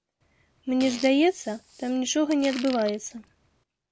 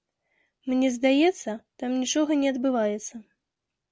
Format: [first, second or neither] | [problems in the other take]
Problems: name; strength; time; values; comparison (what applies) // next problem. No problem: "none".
second | background sound (Fart); 17 dB below the speech